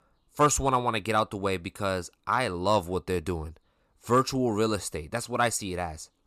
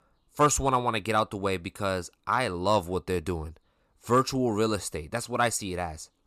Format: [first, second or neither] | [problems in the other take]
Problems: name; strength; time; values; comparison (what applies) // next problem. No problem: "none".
neither | none